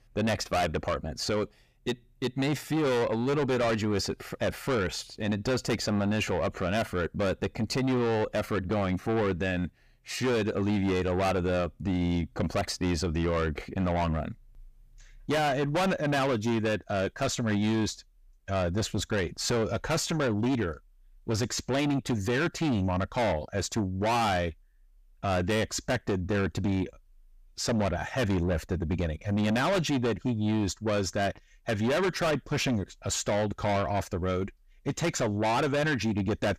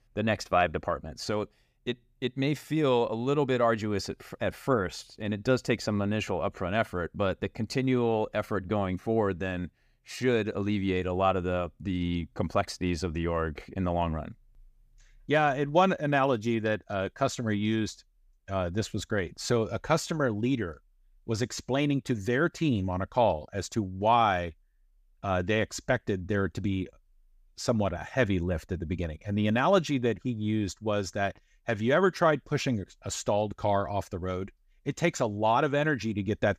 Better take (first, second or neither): second